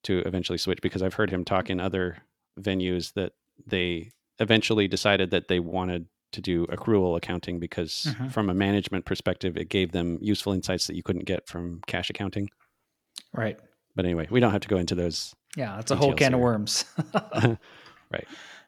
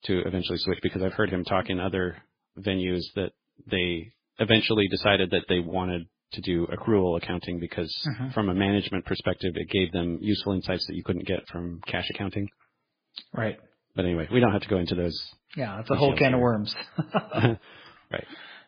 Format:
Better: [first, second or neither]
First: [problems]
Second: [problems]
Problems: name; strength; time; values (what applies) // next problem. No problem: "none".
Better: first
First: none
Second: garbled, watery; badly